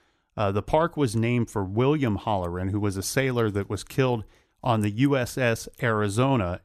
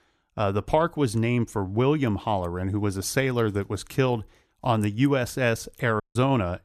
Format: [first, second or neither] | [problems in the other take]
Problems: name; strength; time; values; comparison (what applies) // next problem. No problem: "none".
first | audio cutting out; at 6 s